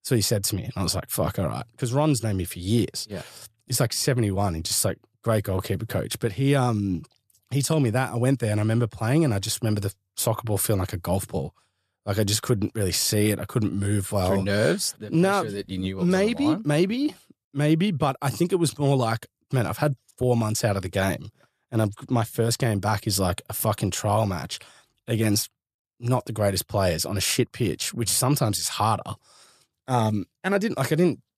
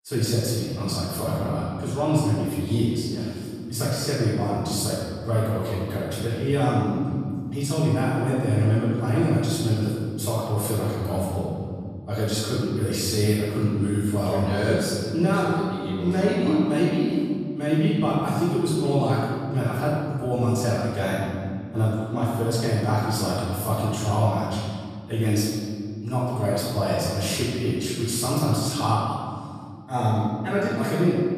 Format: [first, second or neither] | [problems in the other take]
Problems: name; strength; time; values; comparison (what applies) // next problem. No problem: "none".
first | off-mic speech; far // room echo; strong; dies away in 2.2 s